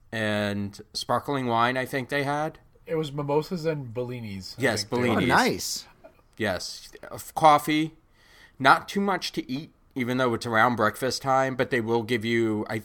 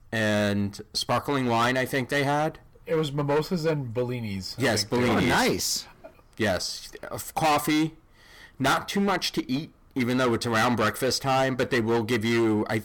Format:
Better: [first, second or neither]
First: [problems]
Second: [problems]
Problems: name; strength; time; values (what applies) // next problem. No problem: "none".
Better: first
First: none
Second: distortion; heavy; 12% of the sound clipped